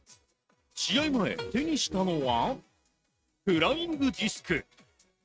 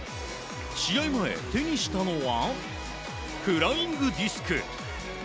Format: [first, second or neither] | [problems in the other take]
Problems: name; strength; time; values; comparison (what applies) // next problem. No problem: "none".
second | noise reduction (neural mask model RNNoise)